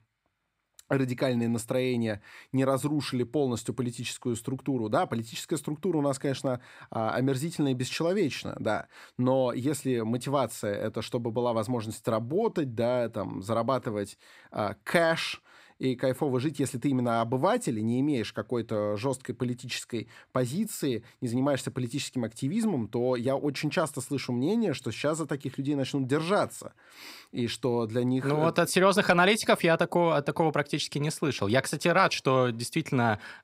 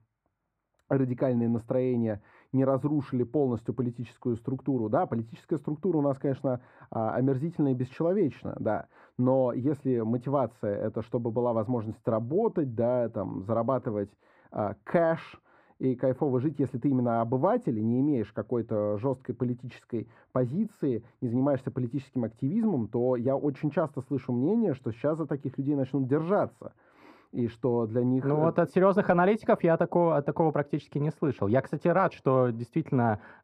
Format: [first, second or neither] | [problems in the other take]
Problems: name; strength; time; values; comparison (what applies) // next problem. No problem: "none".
first | muffled; very; fading above 2 kHz